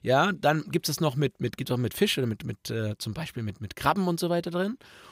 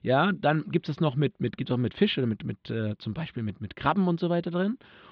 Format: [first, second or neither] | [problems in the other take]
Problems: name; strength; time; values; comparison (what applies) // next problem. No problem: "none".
first | muffled; slightly; fading above 3.5 kHz